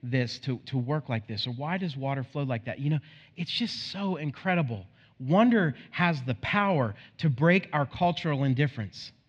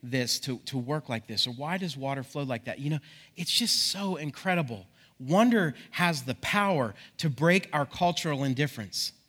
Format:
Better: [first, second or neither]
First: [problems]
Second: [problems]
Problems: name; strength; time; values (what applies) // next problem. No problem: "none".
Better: second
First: muffled; slightly; fading above 3.5 kHz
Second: none